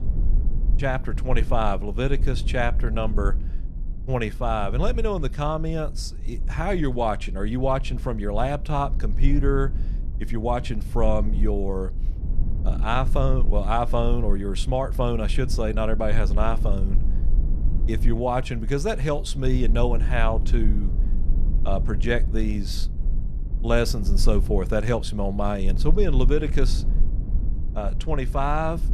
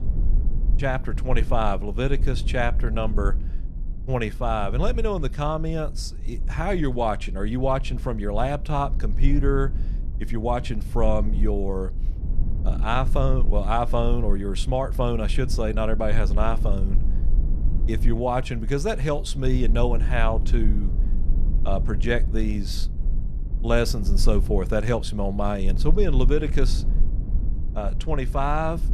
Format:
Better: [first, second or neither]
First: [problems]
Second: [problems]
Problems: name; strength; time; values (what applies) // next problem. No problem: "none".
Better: neither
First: low rumble; noticeable; throughout; 15 dB below the speech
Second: low rumble; noticeable; throughout; 15 dB below the speech